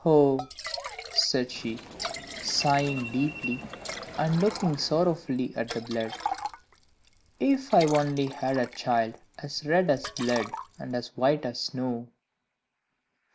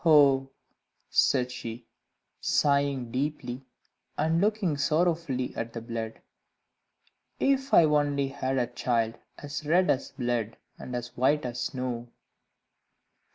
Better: second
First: background sound (Liquid + Subway, metro, underground); 12 dB below the speech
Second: none

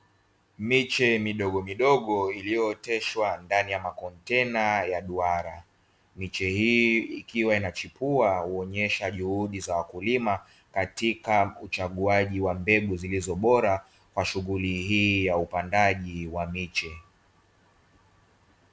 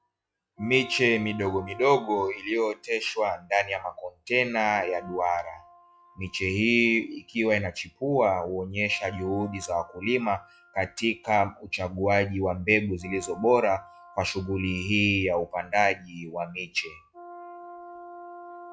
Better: first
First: none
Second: noise reduction (classical method log-MMSE)

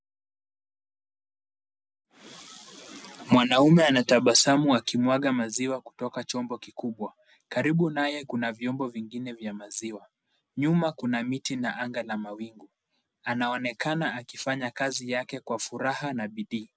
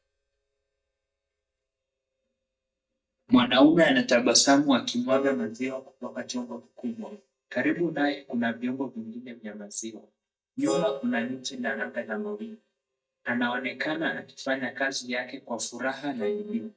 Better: first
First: none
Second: noise reduction (neural mask model DeepFilterNet 3)

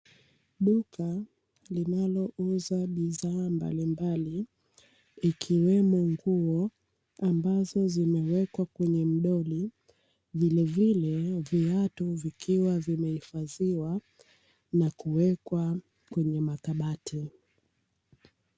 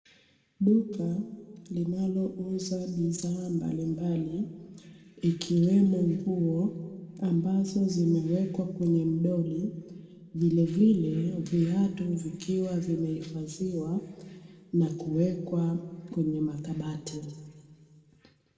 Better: first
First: none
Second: room echo; dies away in 1.6 s

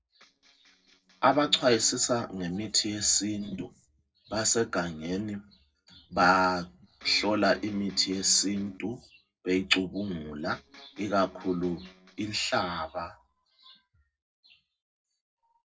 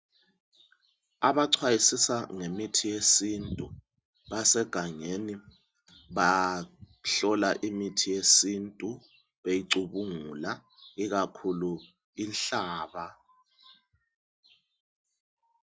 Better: second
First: noise reduction (neural separator model SepFormer DNS4)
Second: none

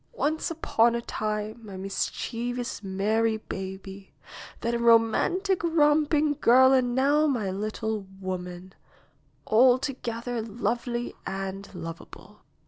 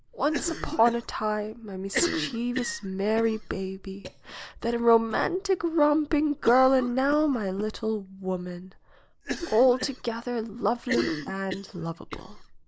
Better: first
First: none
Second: noise reduction (neural mask model Resemble Enhance denoiser)

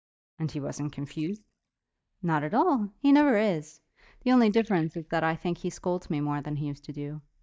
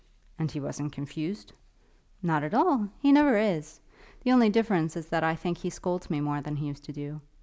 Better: second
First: noise reduction (neural mask model DeepFilterNet 3)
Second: none

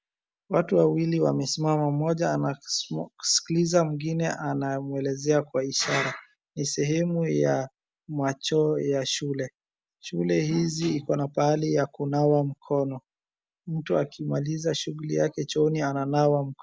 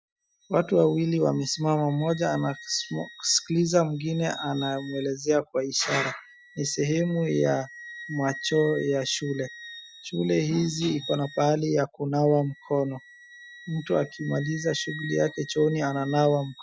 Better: first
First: none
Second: noise reduction (classical method Wiener filter)

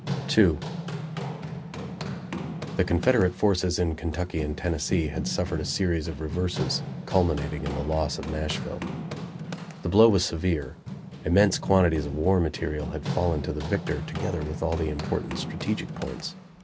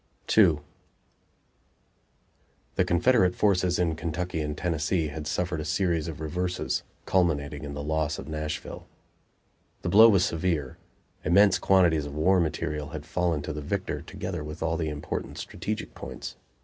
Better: second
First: background sound (Run); 8 dB below the speech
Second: none

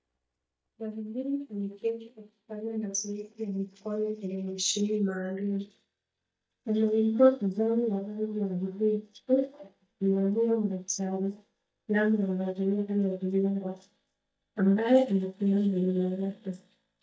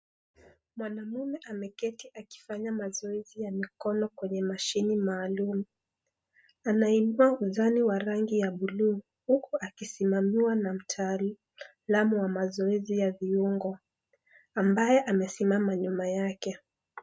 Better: second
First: noise reduction (neural mask model DeepFilterNet 3)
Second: none

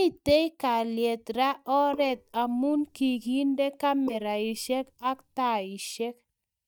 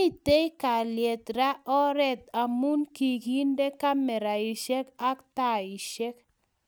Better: second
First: noise reduction (neural mask model DeepFilterNet 3)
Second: none

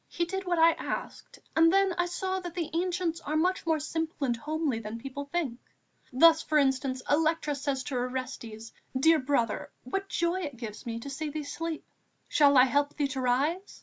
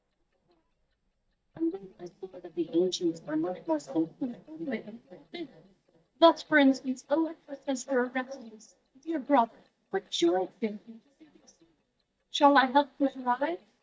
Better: first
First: none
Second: noise reduction (neural mask model DeepFilterNet 3)

